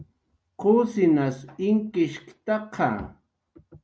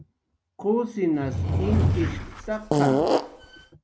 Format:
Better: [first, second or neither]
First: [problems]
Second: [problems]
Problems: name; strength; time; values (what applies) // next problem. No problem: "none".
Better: first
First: none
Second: background sound (Fart / Drawer open or close); 5 dB above the speech